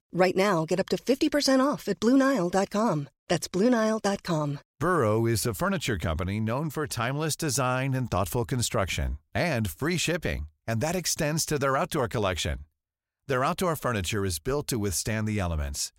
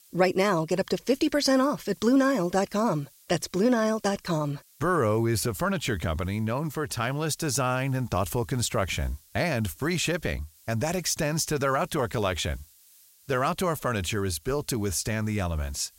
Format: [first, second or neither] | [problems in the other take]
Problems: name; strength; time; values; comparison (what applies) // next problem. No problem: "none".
first | hiss; faint; throughout; 25 dB below the speech